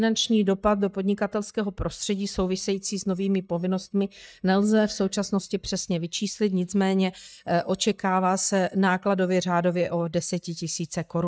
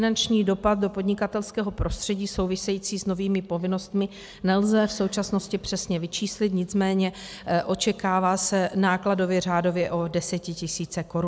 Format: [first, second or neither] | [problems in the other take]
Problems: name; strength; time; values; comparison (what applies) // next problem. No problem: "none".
second | noise reduction (neural mask model DeepFilterNet 3)